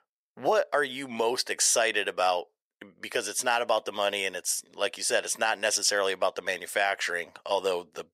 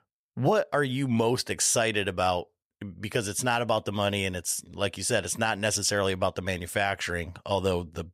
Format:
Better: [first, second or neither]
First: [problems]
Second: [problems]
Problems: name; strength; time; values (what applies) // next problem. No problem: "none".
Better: second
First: thin; very; fading below 500 Hz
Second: none